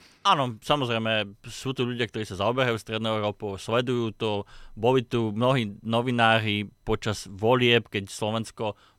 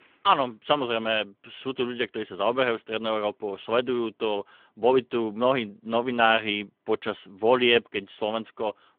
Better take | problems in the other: first | phone-call audio; nothing above 3.5 kHz

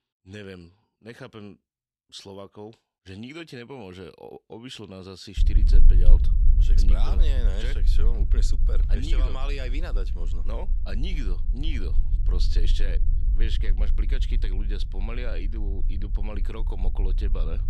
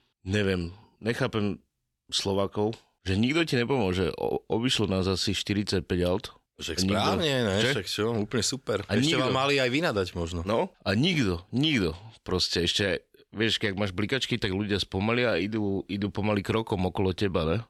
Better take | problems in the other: second | low rumble; loud; from 5.5 s on; 9 dB below the speech

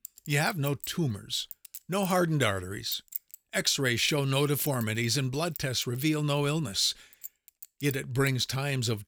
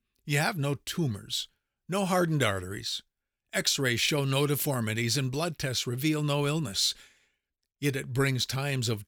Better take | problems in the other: second | clattering dishes; noticeable; until 8.5 s; peak 8 dB below the speech

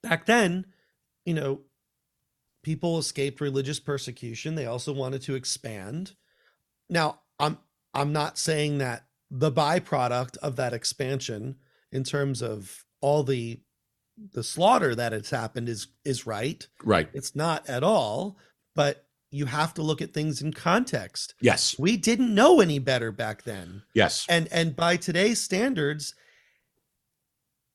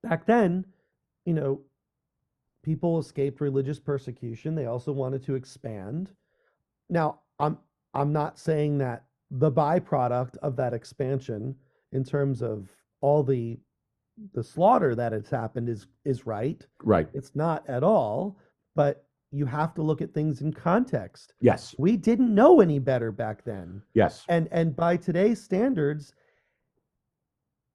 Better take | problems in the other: first | muffled; very; fading above 2 kHz

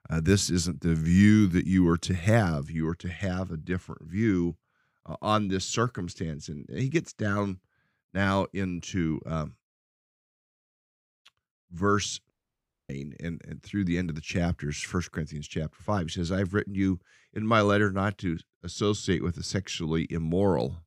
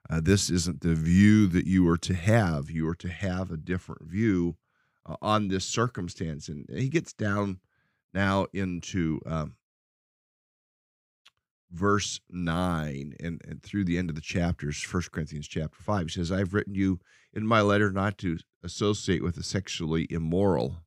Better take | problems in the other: second | audio cutting out; at 12 s for 0.5 s

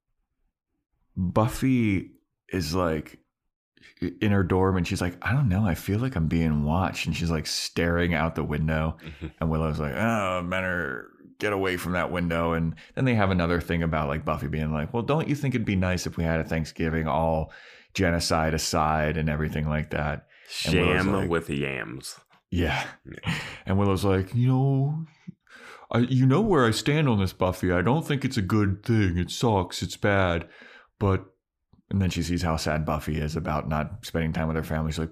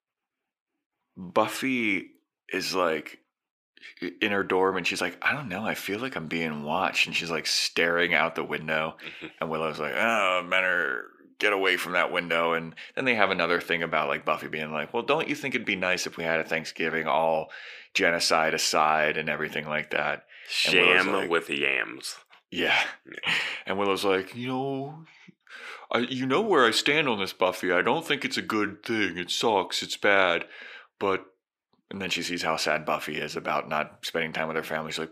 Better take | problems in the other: first | thin; somewhat; fading below 400 Hz

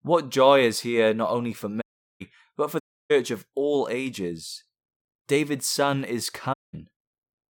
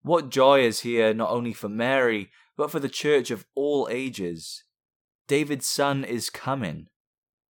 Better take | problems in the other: second | audio cutting out; at 2 s, at 3 s and at 6.5 s

